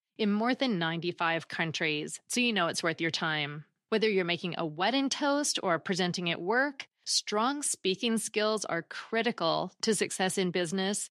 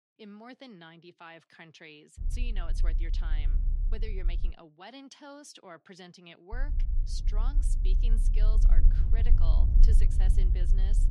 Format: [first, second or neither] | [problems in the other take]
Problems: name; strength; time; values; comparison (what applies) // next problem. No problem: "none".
first | low rumble; loud; from 2 to 4.5 s and from 6.5 s on; 4 dB below the speech